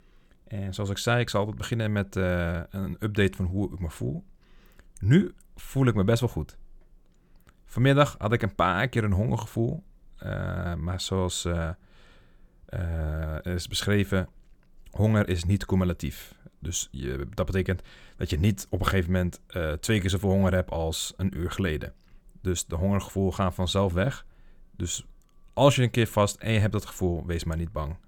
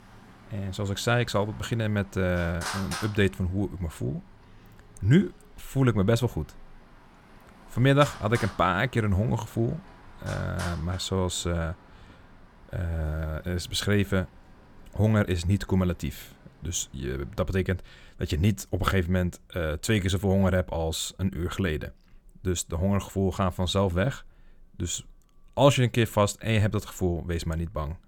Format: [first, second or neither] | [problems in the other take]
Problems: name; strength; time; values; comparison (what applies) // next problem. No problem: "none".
first | traffic noise; noticeable; throughout; 20 dB below the speech